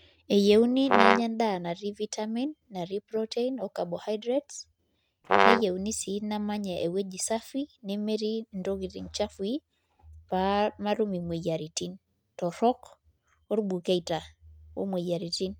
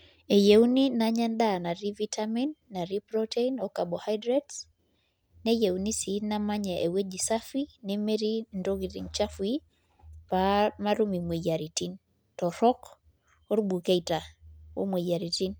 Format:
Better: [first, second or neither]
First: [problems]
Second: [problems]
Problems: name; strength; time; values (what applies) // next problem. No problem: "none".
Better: second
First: noise reduction (neural mask model RNNoise)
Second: none